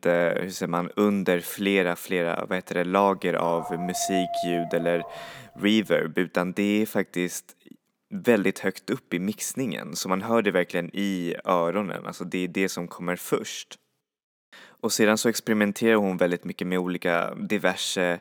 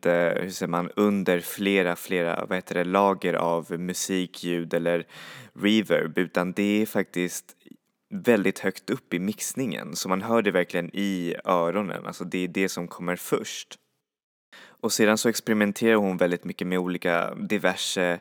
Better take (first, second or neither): second